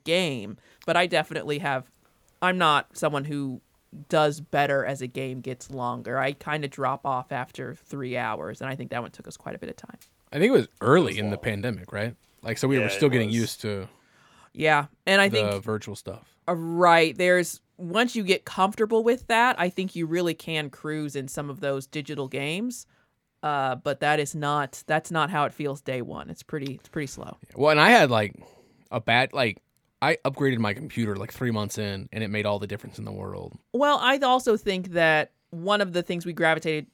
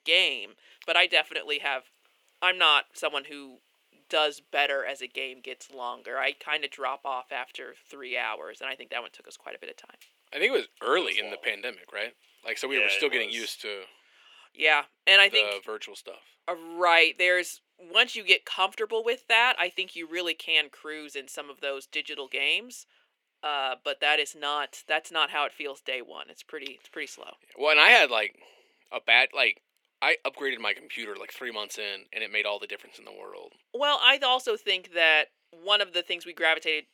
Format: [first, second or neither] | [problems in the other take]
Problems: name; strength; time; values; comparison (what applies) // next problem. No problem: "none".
first | thin; very; fading below 350 Hz